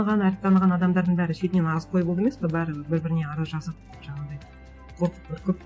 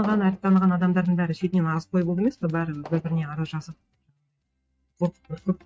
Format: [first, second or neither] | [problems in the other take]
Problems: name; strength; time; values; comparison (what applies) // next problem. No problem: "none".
first | noise reduction (neural mask model RNNoise)